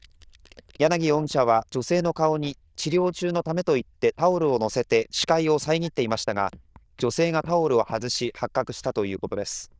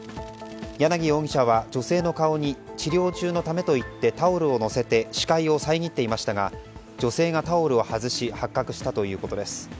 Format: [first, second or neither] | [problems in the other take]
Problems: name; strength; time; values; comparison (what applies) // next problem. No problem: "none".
second | noise reduction (neural diffusion model UNIVERSE++)